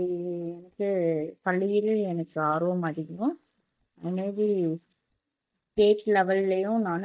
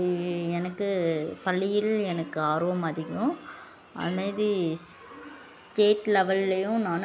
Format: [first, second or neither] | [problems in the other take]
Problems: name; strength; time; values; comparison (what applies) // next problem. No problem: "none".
second | noise reduction (neural mask model DeepFilterNet 3)